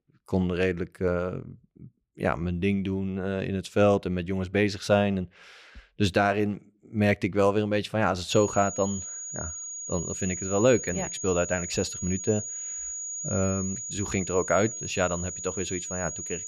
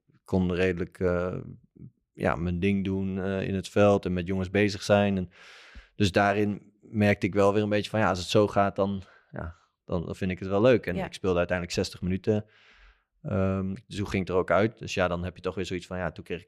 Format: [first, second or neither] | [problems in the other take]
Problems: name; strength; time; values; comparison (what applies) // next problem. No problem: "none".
second | high-pitched whine; loud; from 8.5 s on; 6.5 kHz, 6 dB below the speech